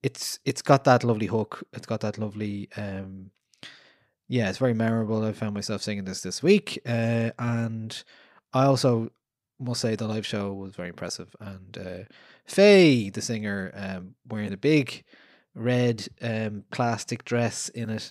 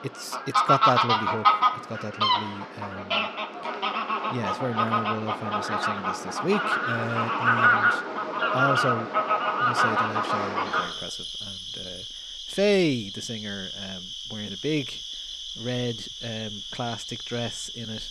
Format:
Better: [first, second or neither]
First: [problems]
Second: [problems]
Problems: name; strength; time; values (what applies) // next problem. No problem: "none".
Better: first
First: none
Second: animal sounds; very loud; throughout; 5 dB above the speech